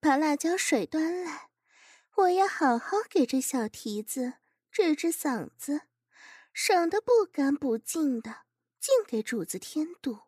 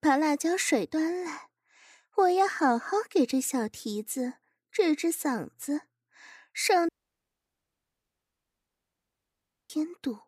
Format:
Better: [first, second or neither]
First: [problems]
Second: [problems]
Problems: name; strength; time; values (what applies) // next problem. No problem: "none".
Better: first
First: none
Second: audio cutting out; at 7 s for 3 s